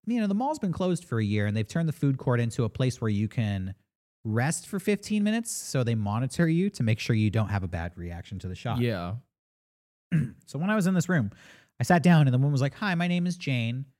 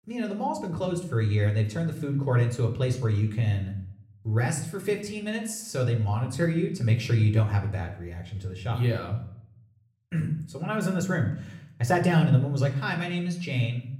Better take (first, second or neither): first